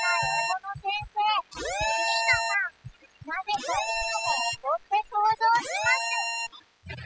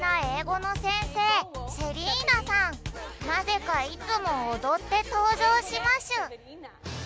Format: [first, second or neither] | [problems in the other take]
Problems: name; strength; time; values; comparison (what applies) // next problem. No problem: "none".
second | noise reduction (classical method spectral subtraction)